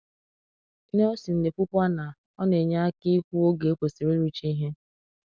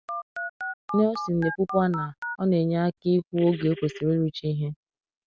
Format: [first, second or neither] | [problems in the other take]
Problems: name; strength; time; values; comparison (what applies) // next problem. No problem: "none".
first | background sound (Telephone); 12 dB below the speech